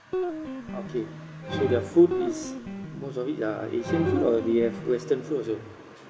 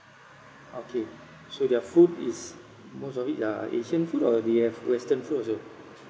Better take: second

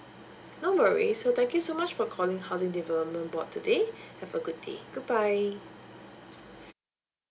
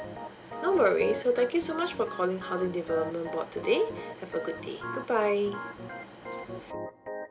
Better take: first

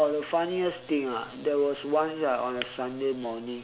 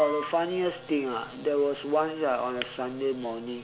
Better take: first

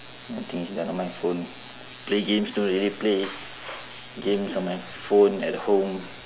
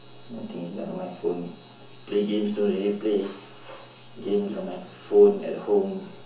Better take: first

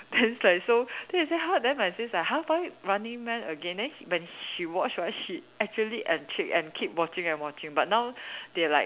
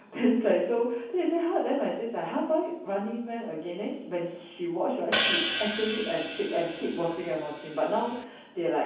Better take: first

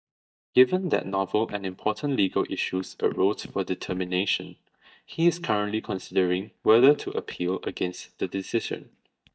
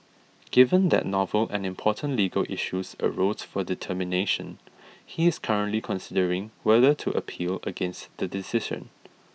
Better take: second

